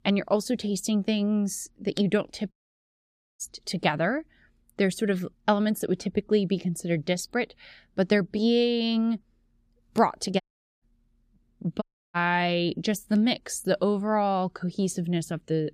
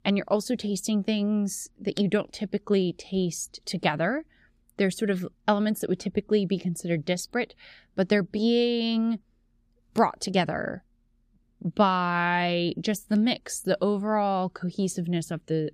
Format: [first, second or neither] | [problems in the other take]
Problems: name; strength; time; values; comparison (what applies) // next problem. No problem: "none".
second | audio cutting out; at 2.5 s for 1 s, at 10 s and at 12 s